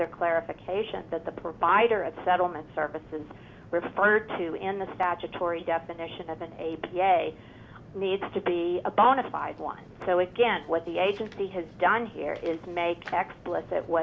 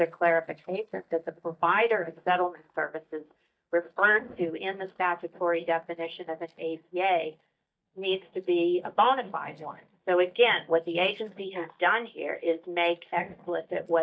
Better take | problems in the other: first | noise reduction (neural mask model DeepFilterNet 3)

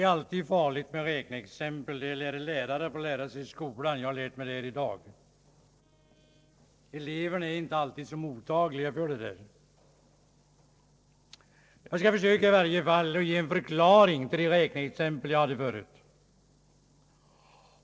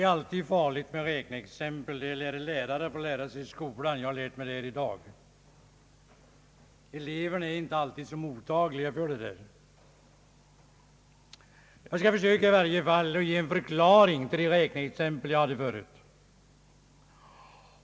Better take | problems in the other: second | noise reduction (neural separator model SepFormer DNS4)

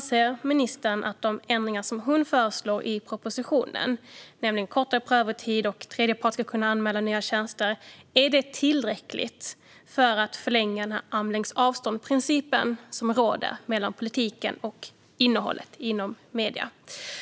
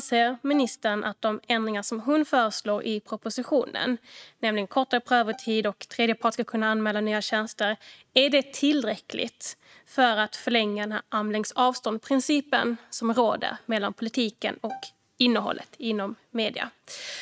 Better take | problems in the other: first | noise reduction (neural mask model RNNoise)

